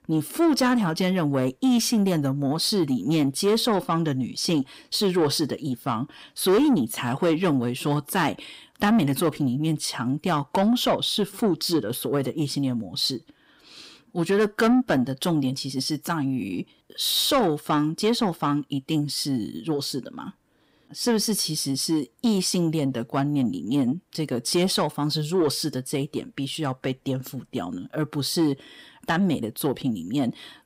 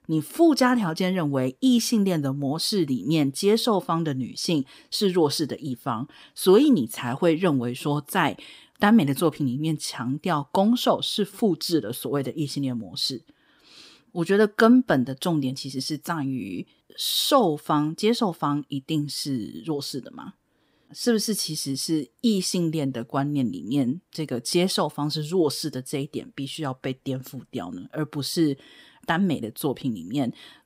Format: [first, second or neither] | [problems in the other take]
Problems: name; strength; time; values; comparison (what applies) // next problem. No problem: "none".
second | distortion; slight; 10 dB below the speech